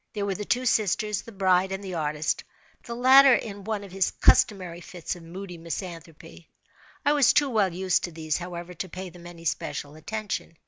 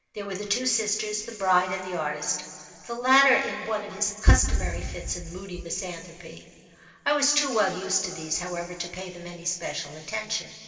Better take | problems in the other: first | room echo; dies away in 2.4 s

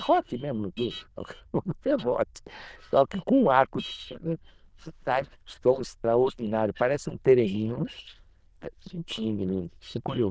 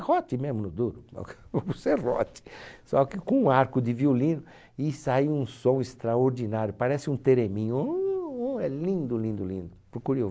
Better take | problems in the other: second | noise reduction (neural diffusion model UNIVERSE++)

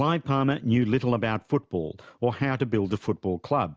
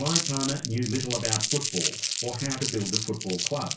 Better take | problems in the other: first | background sound (Crumpling, crinkling); as loud as the speech // room echo; dies away in 0.3 s

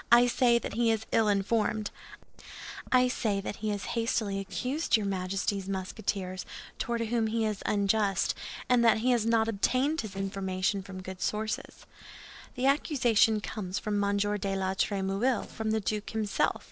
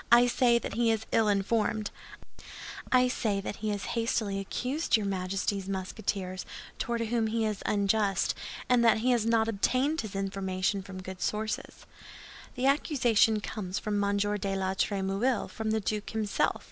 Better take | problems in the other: second | noise reduction (neural separator model SepFormer DNS4)

